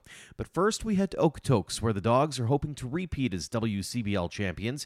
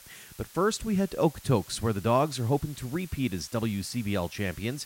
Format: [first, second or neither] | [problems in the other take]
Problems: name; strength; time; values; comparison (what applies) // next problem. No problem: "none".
first | hiss; noticeable; throughout; 20 dB below the speech